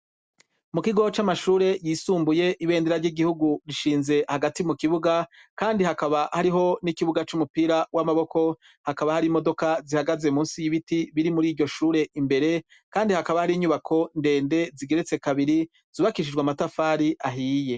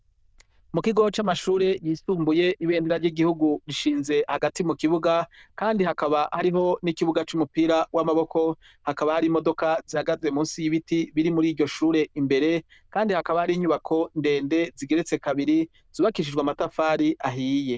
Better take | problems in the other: first | noise reduction (neural diffusion model UNIVERSE++)

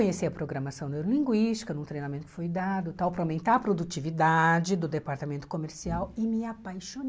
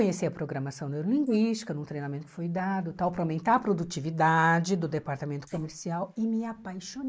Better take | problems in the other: first | noise reduction (neural mask model Resemble Enhance denoiser)

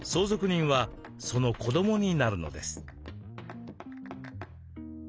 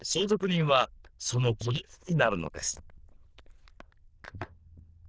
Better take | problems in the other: first | noise reduction (neural diffusion model UNIVERSE++)

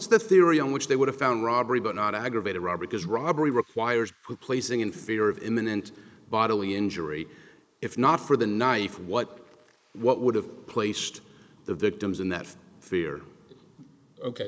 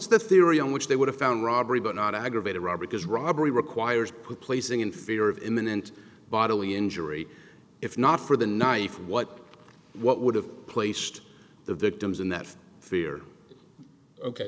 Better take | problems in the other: second | noise reduction (neural mask model Resemble Enhance denoiser)

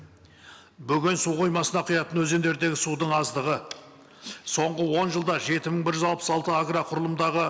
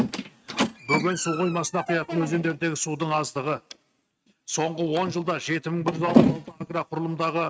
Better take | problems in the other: first | noise reduction (neural mask model RNNoise)

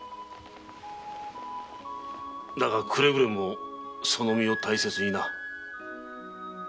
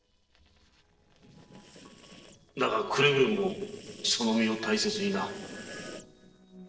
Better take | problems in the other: first | noise reduction (neural separator model SepFormer DNS4)

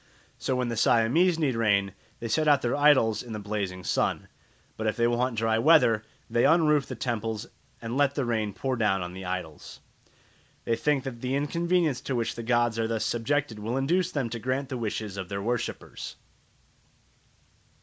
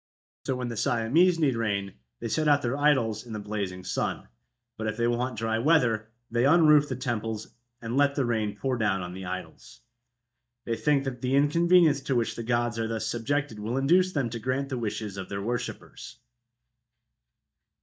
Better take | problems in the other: first | noise reduction (neural mask model DeepFilterNet 3)

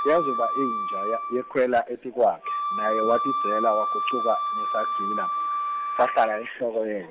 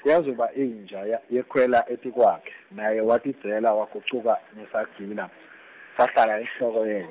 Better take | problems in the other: second | background sound (Wind instrument, woodwind instrument); 2 dB below the speech

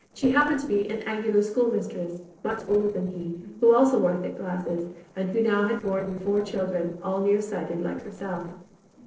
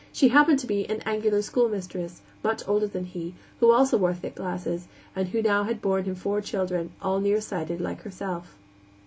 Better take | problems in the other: second | noise reduction (neural separator model SepFormer DNS4)

